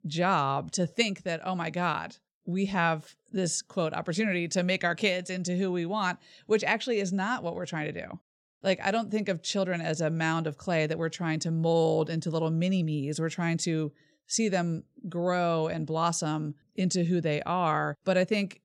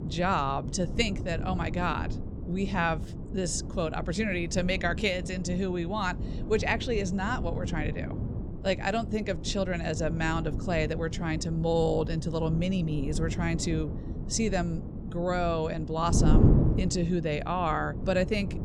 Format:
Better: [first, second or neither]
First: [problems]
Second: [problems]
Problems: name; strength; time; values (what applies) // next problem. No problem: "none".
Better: first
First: none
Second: wind noise on the microphone; occasional gusts; 10 dB below the speech